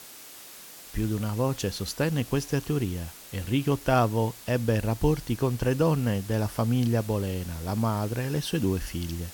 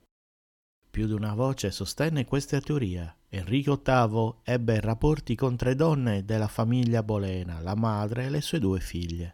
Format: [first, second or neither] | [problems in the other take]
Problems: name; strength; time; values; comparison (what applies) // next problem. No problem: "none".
second | hiss; noticeable; throughout; 15 dB below the speech